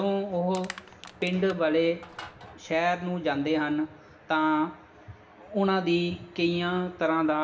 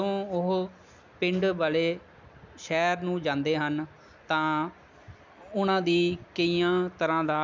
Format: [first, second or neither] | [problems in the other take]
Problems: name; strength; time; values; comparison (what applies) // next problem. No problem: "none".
second | background sound (Crushing); 19 dB below the speech // room echo; dies away in 1.9 s